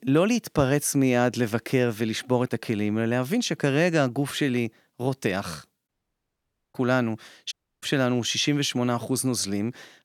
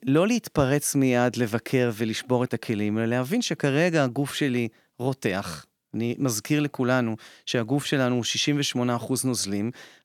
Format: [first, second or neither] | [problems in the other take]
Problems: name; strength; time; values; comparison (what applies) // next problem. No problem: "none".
second | audio cutting out; at 6 s for 1 s and at 7.5 s